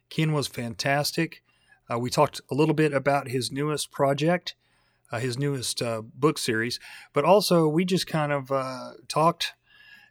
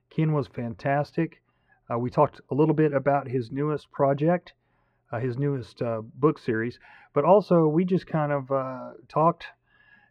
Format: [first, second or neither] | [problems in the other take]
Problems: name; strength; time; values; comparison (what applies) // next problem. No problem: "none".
first | muffled; very; fading above 3.5 kHz